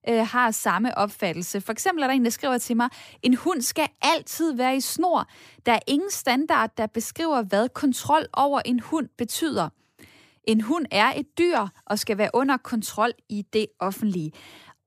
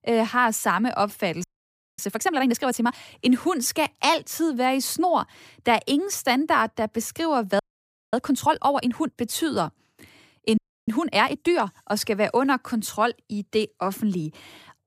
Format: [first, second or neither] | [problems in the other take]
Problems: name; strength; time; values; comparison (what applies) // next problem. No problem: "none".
first | audio freezing; at 1.5 s for 0.5 s, at 7.5 s for 0.5 s and at 11 s